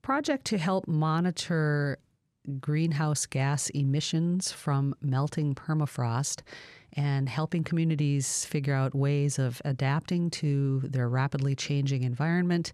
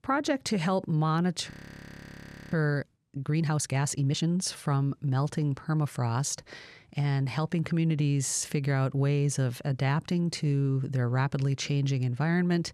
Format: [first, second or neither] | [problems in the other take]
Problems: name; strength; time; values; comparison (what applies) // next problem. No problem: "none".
first | audio freezing; at 1.5 s for 1 s